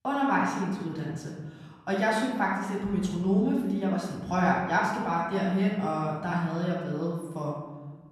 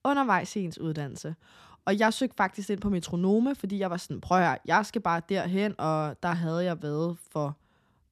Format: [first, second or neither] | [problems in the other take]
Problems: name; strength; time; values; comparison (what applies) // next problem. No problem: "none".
second | off-mic speech; far // room echo; noticeable; dies away in 1.2 s